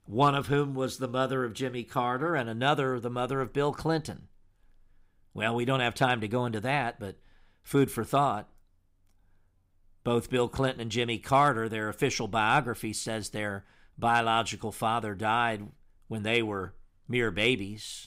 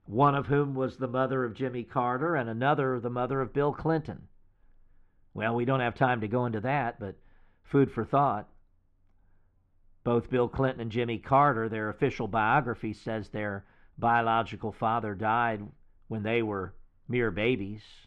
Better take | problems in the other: first | muffled; very; fading above 2 kHz

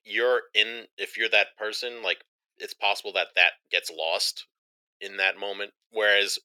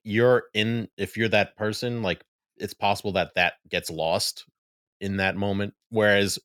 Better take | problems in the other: second | thin; very; fading below 400 Hz

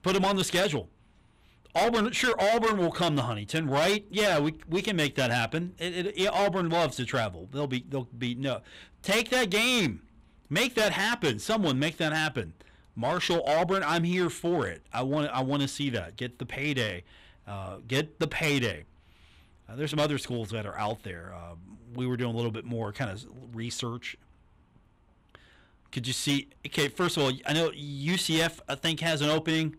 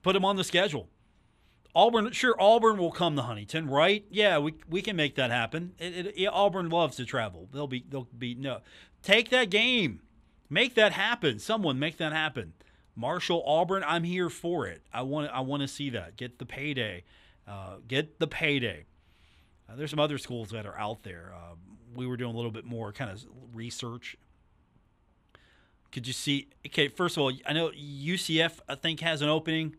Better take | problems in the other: second | distortion; heavy; 9% of the sound clipped

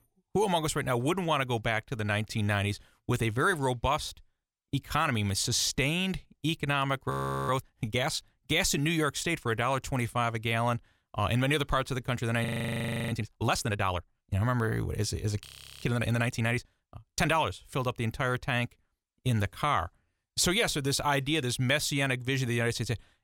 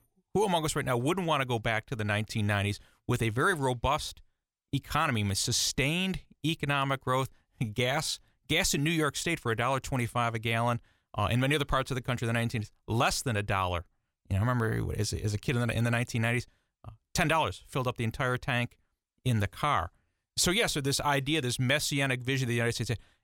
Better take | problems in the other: second | audio freezing; at 7 s, at 12 s for 0.5 s and at 15 s

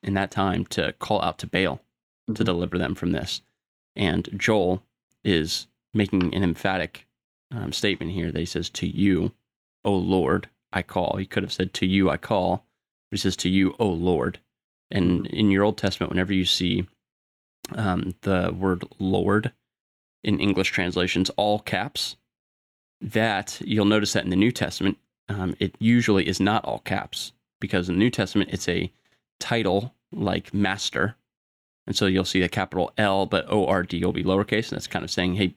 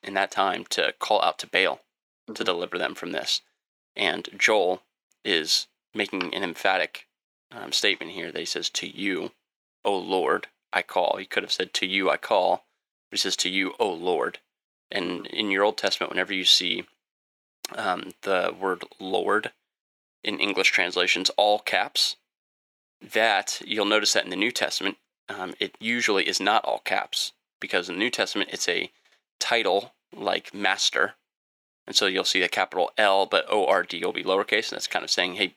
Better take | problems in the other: first | thin; very; fading below 600 Hz

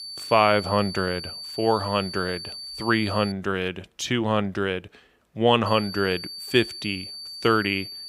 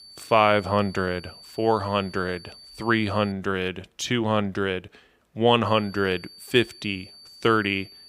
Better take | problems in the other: second | high-pitched whine; loud; until 3.5 s and from 5.5 s on; 4.5 kHz, 10 dB below the speech; faint in the second

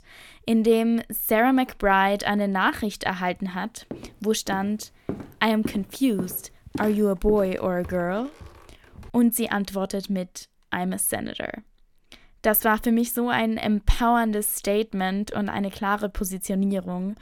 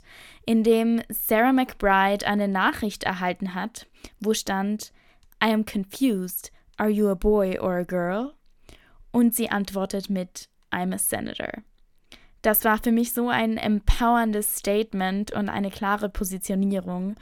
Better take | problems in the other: second | footsteps; faint; from 4 to 9 s; peak 10 dB below the speech

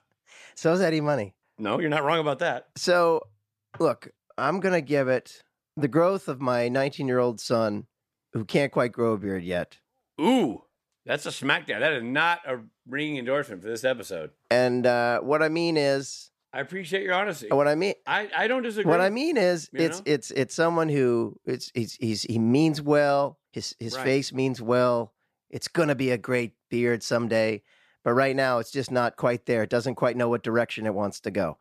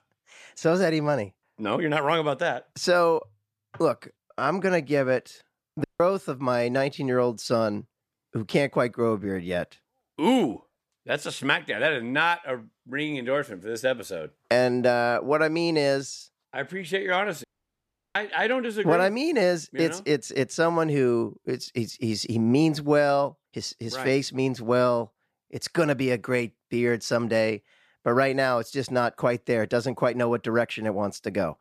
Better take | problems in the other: first | audio cutting out; at 6 s and at 17 s for 0.5 s

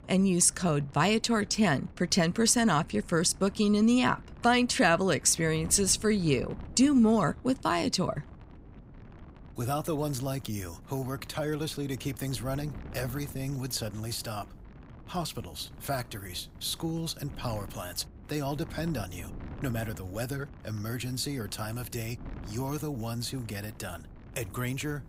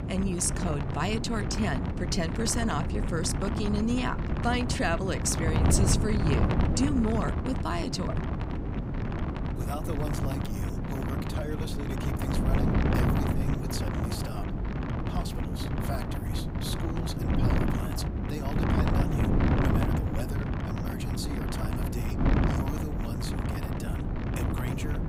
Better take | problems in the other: first | wind noise on the microphone; heavy; 1 dB below the speech; occasional gusts in the first

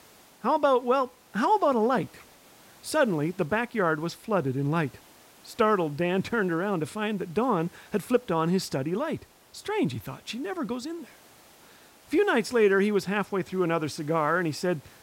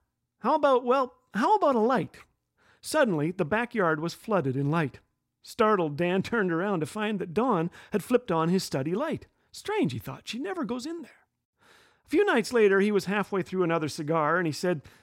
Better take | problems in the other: second | hiss; faint; throughout; 25 dB below the speech

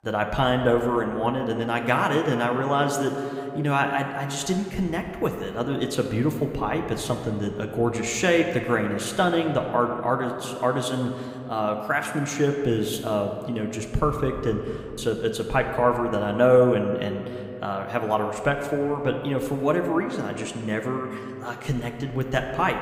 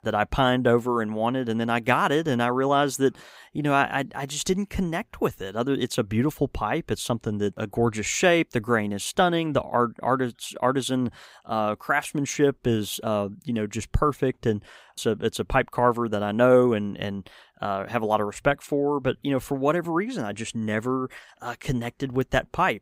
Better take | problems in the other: second | room echo; slight; dies away in 2 s

